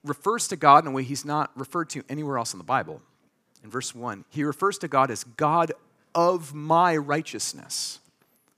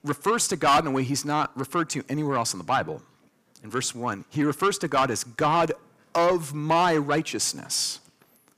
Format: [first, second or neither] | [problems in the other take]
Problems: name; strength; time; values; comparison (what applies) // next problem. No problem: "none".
first | distortion; heavy; 6 dB below the speech